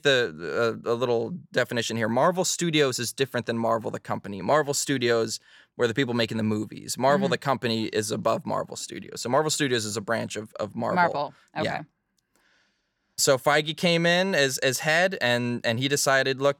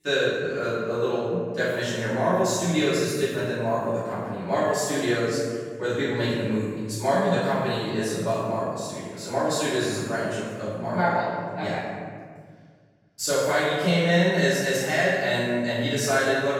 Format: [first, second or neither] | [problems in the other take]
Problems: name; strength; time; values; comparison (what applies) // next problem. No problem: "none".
first | room echo; strong; dies away in 1.6 s // off-mic speech; far